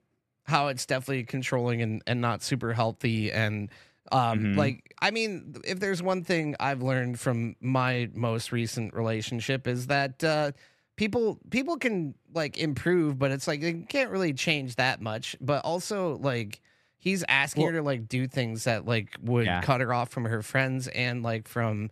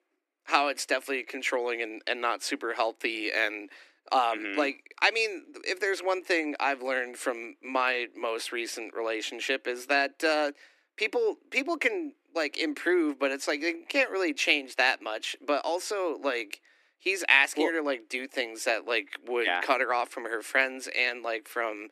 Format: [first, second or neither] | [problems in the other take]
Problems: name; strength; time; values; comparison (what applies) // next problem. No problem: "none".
first | thin; somewhat; fading below 300 Hz